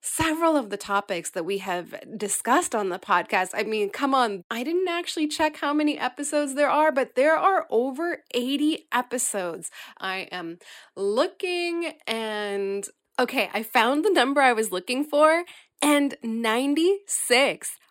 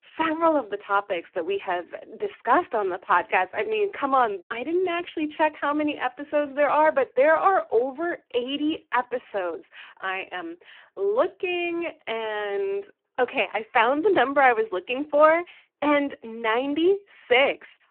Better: first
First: none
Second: phone-call audio; poor line

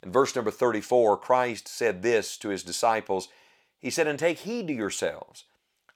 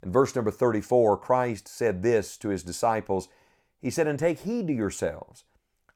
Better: second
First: thin; very slightly; fading below 800 Hz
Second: none

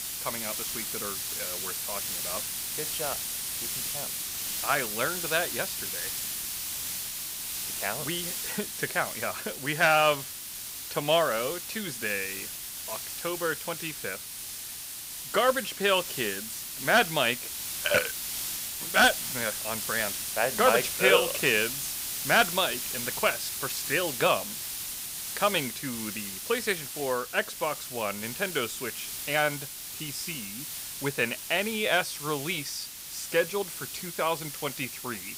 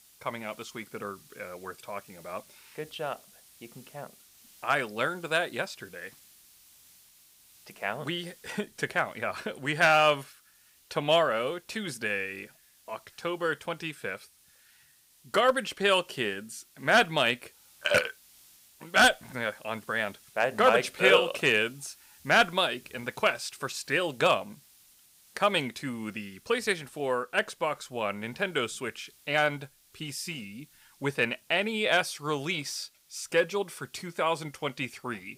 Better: second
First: hiss; loud; throughout; 4 dB below the speech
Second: hiss; faint; throughout; 30 dB below the speech

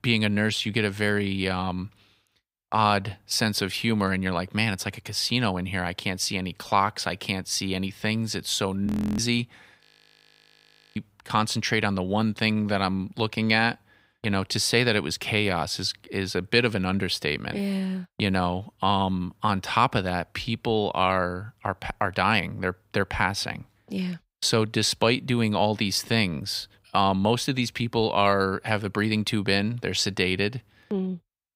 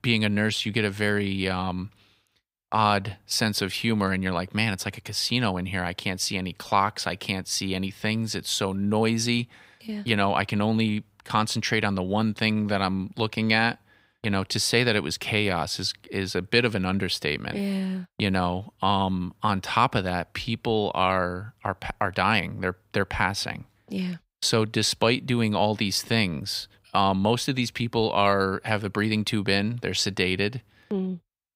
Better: second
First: audio freezing; at 9 s and at 10 s for 1 s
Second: none

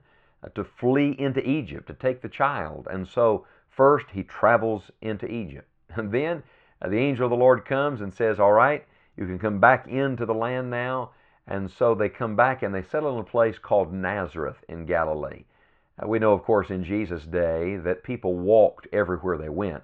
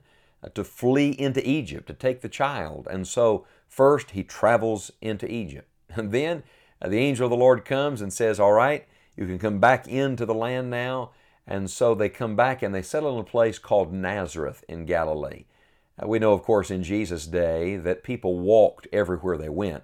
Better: second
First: muffled; very; fading above 2.5 kHz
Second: none

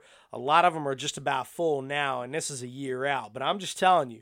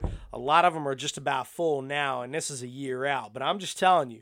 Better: first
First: none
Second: door banging; faint; at the start; peak 10 dB below the speech

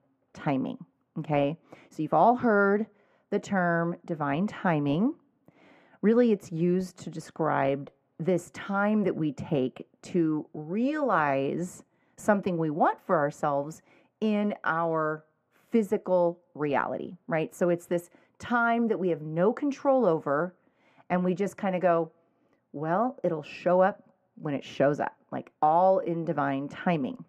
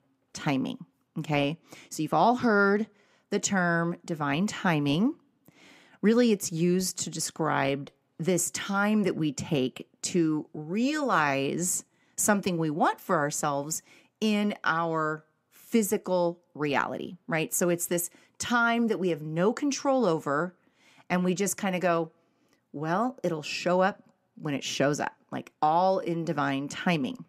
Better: second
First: muffled; very; fading above 3 kHz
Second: none

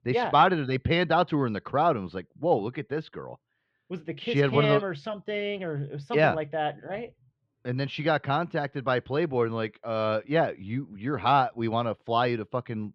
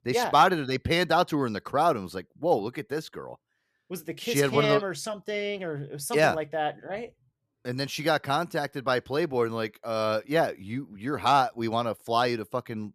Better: second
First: muffled; slightly; fading above 3.5 kHz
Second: none

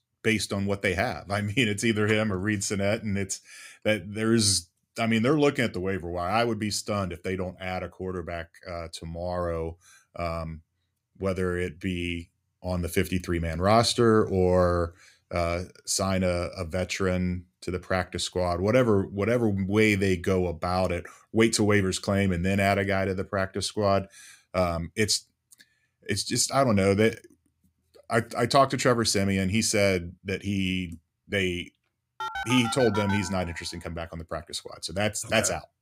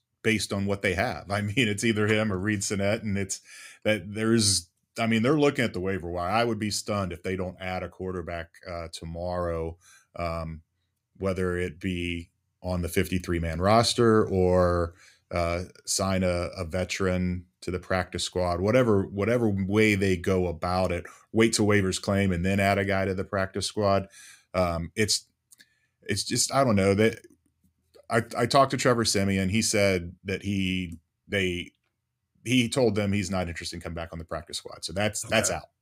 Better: second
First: phone ringing; noticeable; from 32 to 34 s; peak 6 dB below the speech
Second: none

